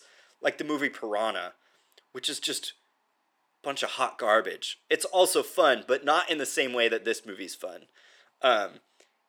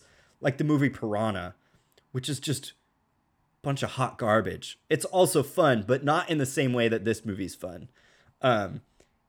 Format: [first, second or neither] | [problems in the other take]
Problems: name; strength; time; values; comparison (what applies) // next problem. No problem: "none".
second | thin; somewhat; fading below 400 Hz